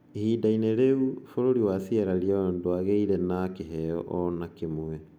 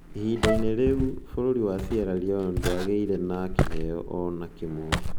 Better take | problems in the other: first | background sound (Walk, footsteps + Wind instrument, woodwind instrument); 2 dB below the speech

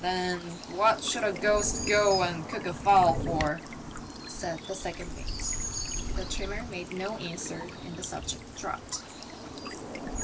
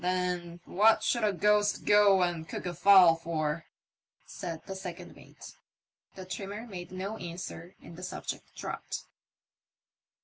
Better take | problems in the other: second | background sound (Stream / Bird vocalization, bird call, bird song); 6 dB below the speech

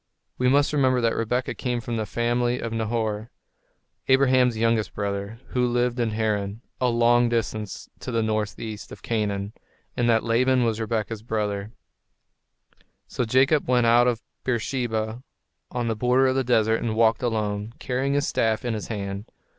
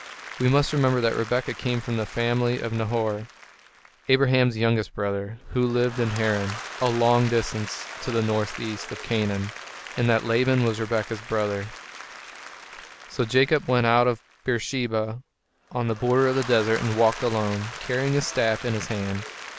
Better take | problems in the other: first | background sound (Applause / Crowd); 14 dB below the speech

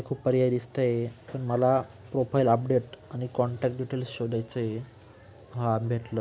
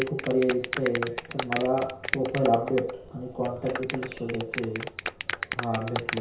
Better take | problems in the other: first | background sound (Clapping); 6 dB below the speech // room echo; dies away in 0.6 s

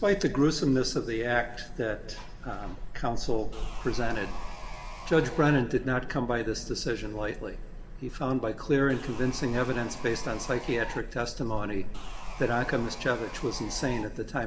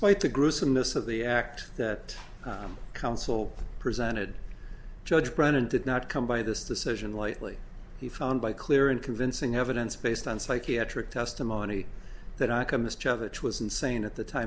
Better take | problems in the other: second | background sound (Sawing); 15 dB below the speech // room echo; dies away in 1.9 s

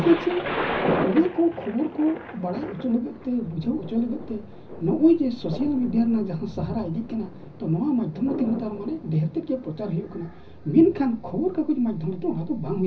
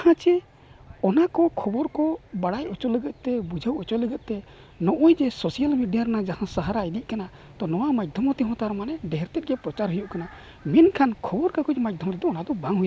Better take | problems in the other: second | background sound (Thunder); 9 dB below the speech // room echo; dies away in 0.4 s

